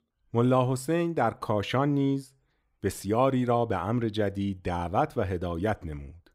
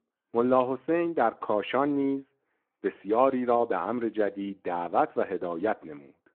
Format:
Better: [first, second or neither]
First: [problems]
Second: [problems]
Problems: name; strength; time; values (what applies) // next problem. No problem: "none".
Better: first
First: none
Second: phone-call audio